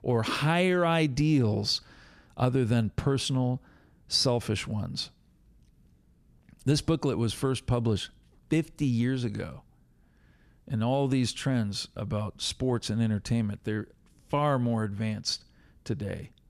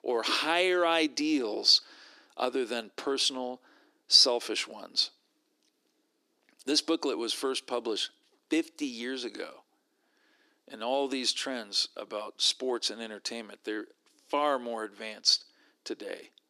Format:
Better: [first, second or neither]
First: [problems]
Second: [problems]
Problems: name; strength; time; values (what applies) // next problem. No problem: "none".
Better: first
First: none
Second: thin; somewhat; fading below 300 Hz